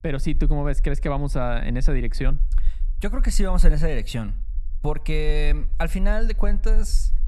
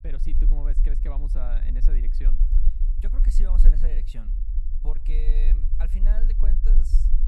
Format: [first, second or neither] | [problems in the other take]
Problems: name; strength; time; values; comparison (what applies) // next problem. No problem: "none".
first | low rumble; loud; throughout; 4 dB below the speech; faint in the first